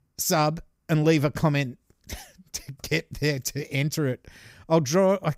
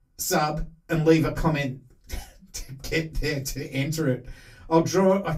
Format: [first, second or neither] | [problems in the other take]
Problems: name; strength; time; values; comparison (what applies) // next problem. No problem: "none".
first | off-mic speech; far // room echo; very slight; dies away in 0.2 s